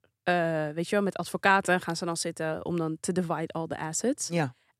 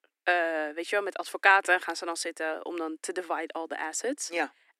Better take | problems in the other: first | thin; very; fading below 300 Hz

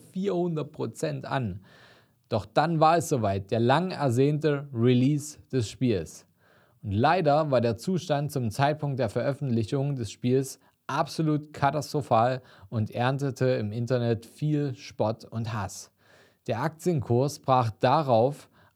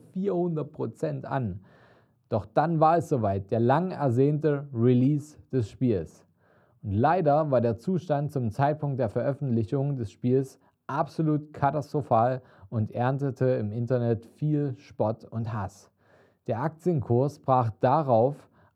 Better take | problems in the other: first | muffled; slightly; fading above 2 kHz

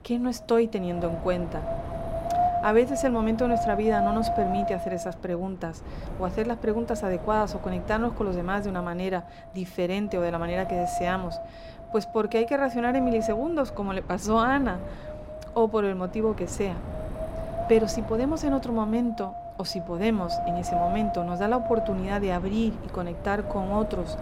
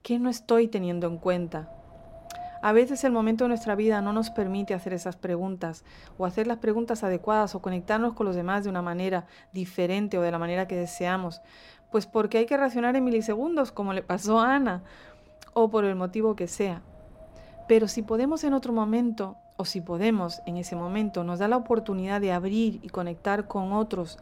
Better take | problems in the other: second | wind noise on the microphone; heavy; 3 dB below the speech; occasional gusts in the second

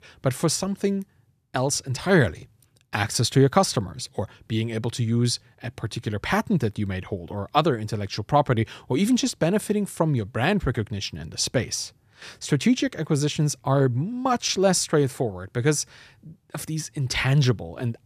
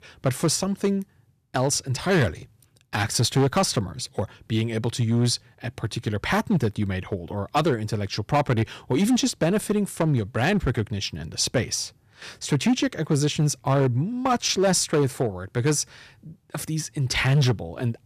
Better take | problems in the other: first | distortion; slight; 5% of the sound clipped

